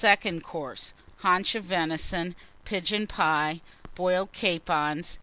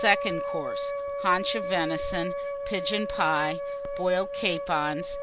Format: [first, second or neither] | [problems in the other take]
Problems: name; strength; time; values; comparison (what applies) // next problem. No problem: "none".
first | background sound (Wind instrument, woodwind instrument); 3 dB below the speech